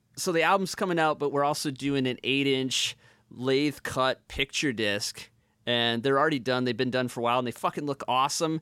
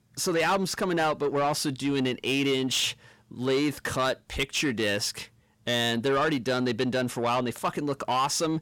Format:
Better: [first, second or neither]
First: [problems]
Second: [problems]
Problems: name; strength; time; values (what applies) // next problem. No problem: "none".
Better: first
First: none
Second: distortion; slight; 10 dB below the speech